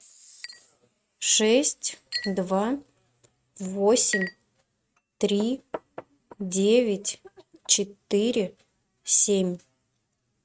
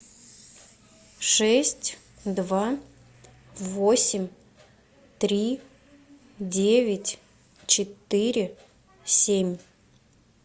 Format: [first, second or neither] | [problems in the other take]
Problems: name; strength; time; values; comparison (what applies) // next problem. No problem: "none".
second | noise reduction (neural mask model RNNoise)